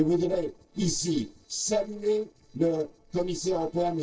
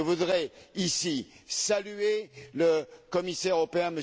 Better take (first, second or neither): second